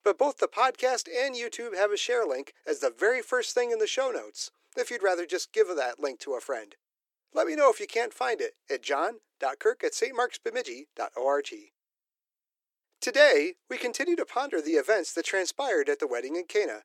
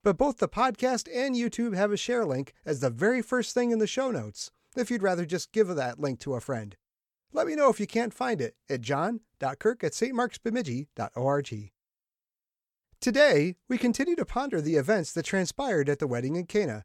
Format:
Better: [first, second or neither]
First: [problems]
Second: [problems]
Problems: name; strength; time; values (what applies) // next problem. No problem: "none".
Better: second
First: thin; very; fading below 300 Hz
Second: none